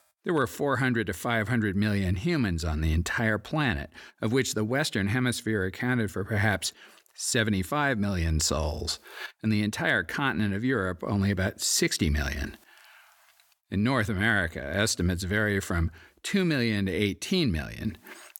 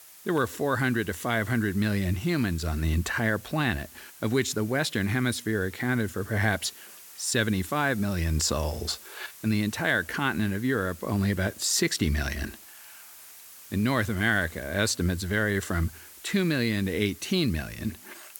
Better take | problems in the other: first | hiss; noticeable; throughout; 20 dB below the speech

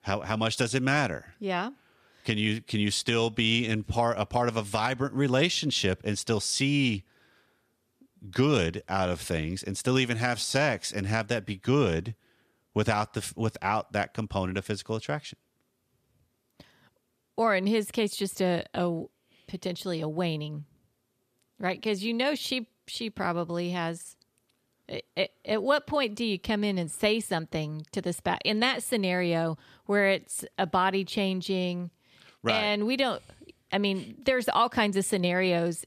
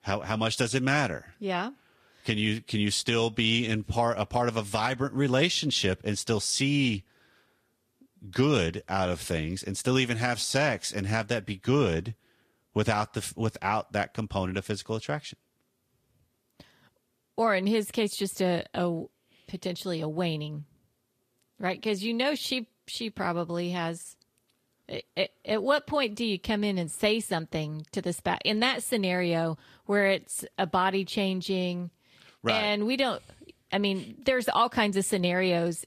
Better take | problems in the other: first | garbled, watery; slightly; nothing above 14.5 kHz

